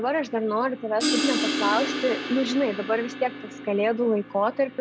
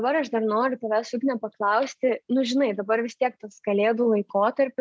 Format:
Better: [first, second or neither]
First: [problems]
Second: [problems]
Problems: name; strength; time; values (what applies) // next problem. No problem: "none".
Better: second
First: background sound (Crash cymbal); 5 dB below the speech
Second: none